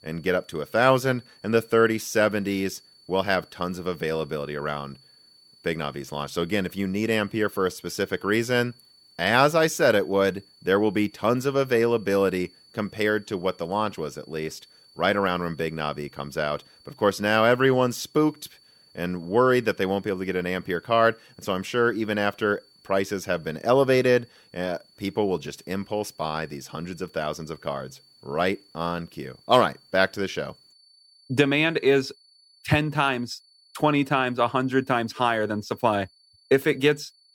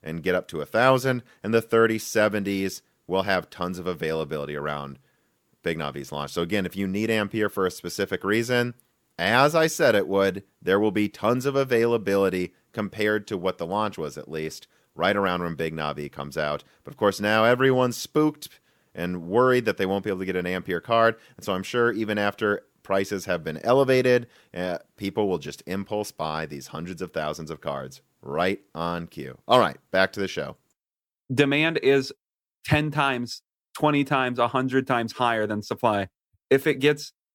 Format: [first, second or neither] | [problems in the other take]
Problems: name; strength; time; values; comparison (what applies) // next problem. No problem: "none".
second | high-pitched whine; faint; throughout; 4.5 kHz, 30 dB below the speech